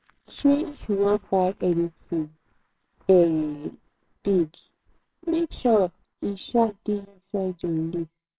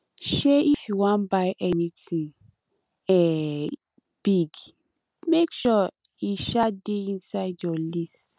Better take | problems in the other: second | noise reduction (neural separator model SepFormer WHAMR!)

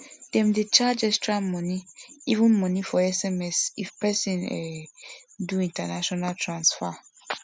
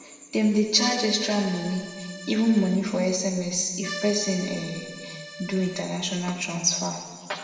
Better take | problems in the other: first | background sound (Accordion); 12 dB below the speech // room echo; dies away in 1.4 s

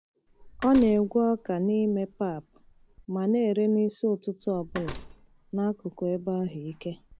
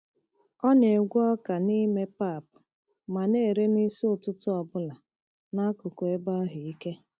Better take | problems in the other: second | background sound (Slam); 18 dB below the speech

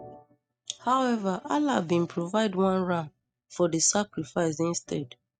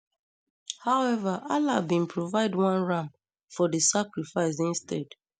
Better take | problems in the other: second | noise reduction (neural mask model RNNoise)

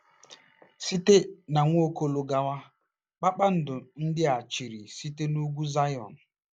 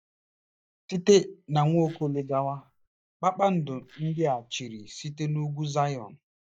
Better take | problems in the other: first | noise reduction (neural mask model DeepFilterNet 3)

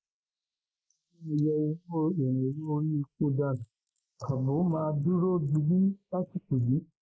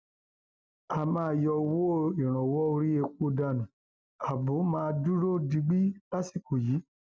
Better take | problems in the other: second | noise reduction (neural mask model Resemble Enhance denoiser)

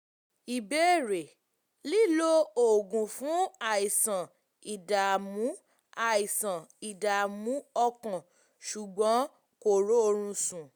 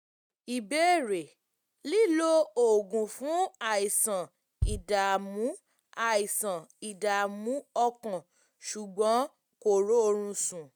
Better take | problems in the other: first | noise reduction (neural mask model RNNoise)

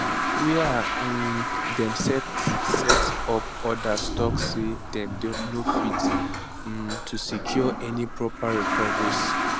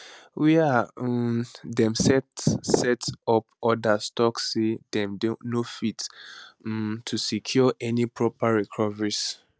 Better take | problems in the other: second | background sound (Toilet flush); 2 dB above the speech

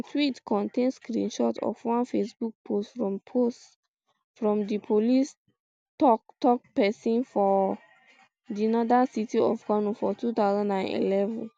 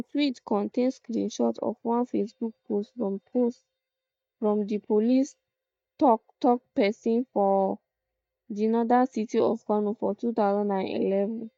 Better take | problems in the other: first | noise reduction (neural mask model DeepFilterNet 3)

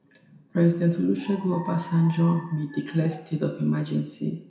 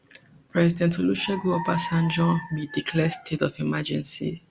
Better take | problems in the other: second | room echo; dies away in 0.5 s

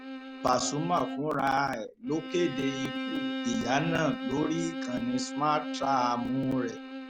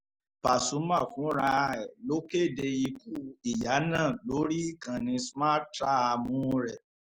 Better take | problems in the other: second | background sound (Bowed string instrument); 6 dB below the speech

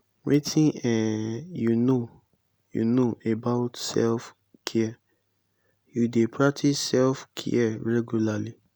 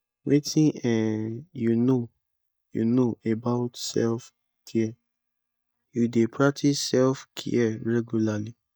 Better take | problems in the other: first | noise reduction (neural mask model DeepFilterNet 3)

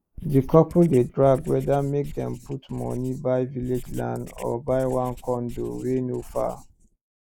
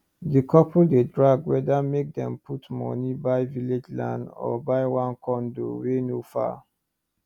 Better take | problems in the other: second | noise reduction (neural mask model Resemble Enhance denoiser)

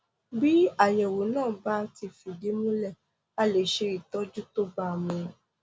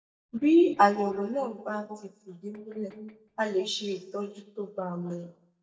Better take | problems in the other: first | noise reduction (neural mask model DeepFilterNet 3)

